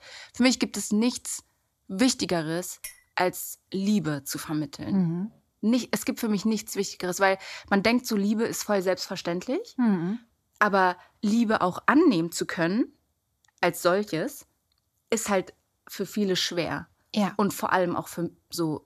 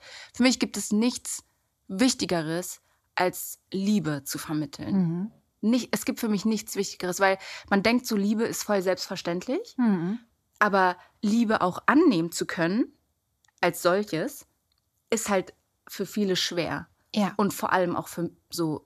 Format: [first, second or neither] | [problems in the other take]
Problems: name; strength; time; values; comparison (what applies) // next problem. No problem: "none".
second | clattering dishes; faint; at 3 s; peak 15 dB below the speech